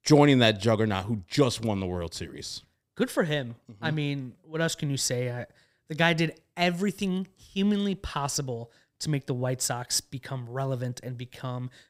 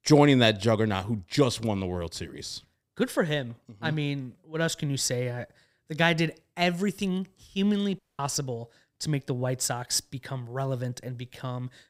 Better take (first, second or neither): first